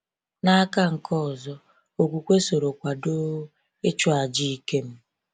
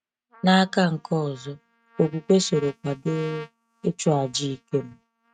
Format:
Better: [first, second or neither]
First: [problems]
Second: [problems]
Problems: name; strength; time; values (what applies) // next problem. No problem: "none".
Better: first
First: none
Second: noise reduction (neural mask model RNNoise)